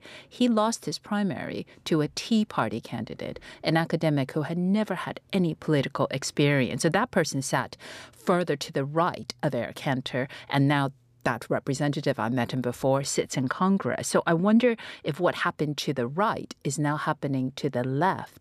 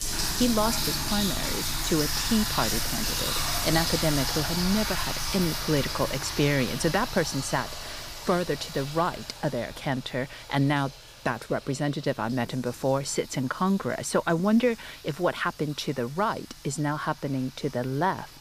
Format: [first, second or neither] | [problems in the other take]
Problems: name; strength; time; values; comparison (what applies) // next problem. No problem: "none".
first | household noises; loud; throughout; 1 dB below the speech